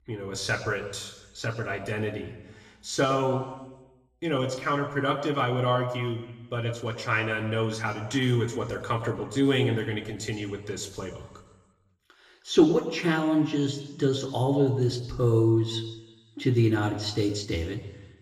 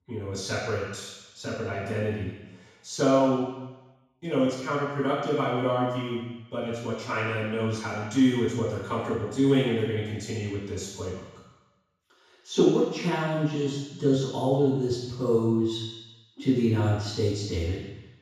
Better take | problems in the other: first | room echo; strong; dies away in 1.1 s; slight in the first // off-mic speech; far; somewhat distant in the first

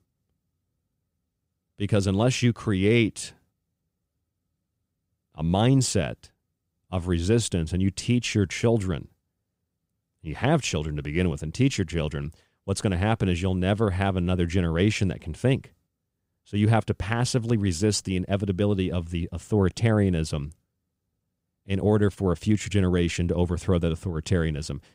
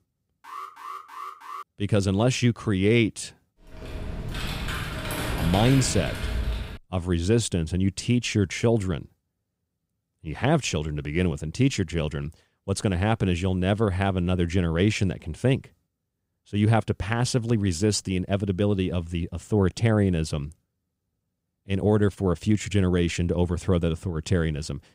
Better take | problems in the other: first | alarm; faint; until 1.5 s; peak 15 dB below the speech // keyboard typing; noticeable; from 3.5 to 7 s; peak 4 dB below the speech

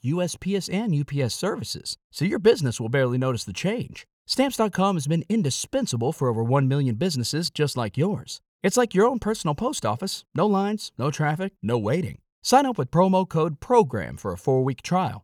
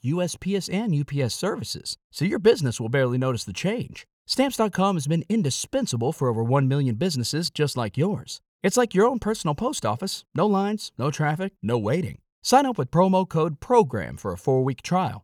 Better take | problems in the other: neither | none

